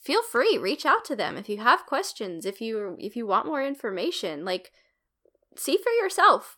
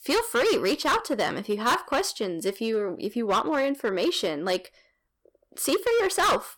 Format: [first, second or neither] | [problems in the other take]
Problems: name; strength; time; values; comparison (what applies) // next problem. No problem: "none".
first | distortion; heavy; 10% of the sound clipped